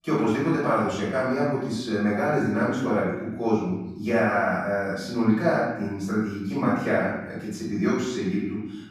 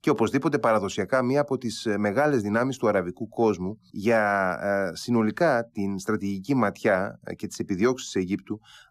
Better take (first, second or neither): second